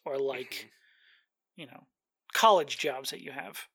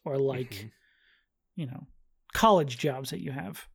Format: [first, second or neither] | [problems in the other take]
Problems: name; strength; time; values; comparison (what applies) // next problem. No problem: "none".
second | thin; somewhat; fading below 450 Hz